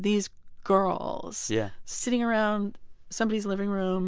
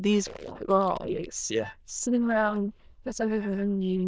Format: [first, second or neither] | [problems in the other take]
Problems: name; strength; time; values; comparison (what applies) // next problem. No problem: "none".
first | noise reduction (neural diffusion model UNIVERSE++)